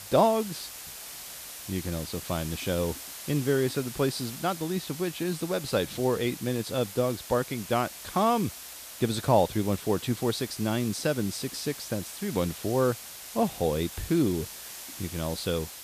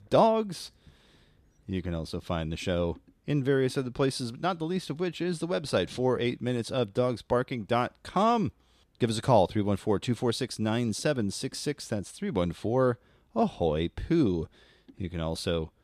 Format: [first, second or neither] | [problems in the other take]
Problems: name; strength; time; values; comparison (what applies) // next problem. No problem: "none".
second | hiss; noticeable; throughout; 10 dB below the speech